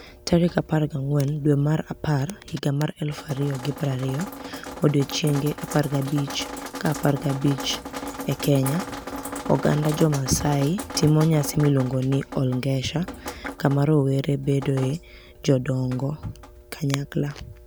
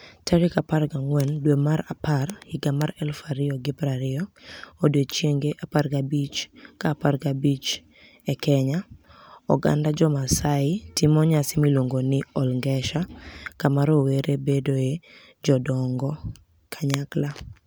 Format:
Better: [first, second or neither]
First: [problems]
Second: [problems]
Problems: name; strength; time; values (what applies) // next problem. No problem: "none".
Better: second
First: background sound (Drip); 13 dB below the speech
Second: none